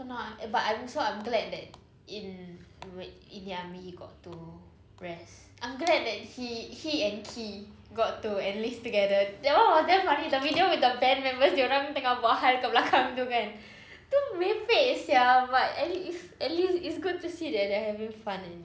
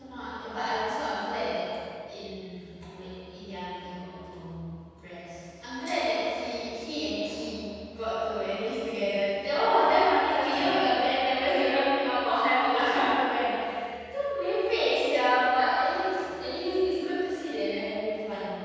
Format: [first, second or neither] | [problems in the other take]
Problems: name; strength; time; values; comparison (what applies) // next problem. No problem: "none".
first | room echo; dies away in 2.1 s